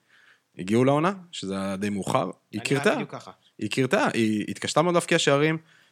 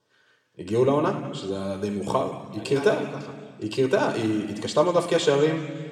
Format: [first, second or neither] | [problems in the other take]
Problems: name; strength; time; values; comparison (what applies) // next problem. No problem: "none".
first | room echo; noticeable; dies away in 1.5 s